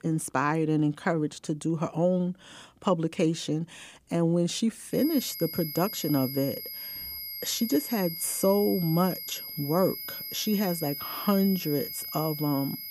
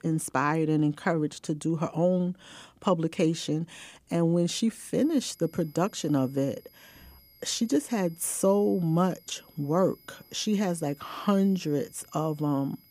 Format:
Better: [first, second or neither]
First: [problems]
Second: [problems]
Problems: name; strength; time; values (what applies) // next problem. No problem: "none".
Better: second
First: high-pitched whine; loud; from 5 s on; 11.5 kHz, 7 dB below the speech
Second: high-pitched whine; faint; from 5 s on; 11.5 kHz, 25 dB below the speech